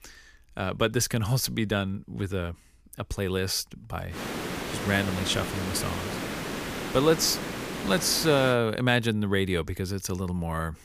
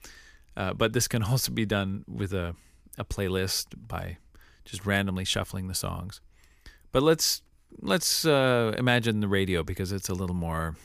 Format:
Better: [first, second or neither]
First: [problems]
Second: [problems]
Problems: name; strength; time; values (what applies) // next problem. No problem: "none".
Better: second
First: hiss; loud; from 4 to 8.5 s; 6 dB below the speech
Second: none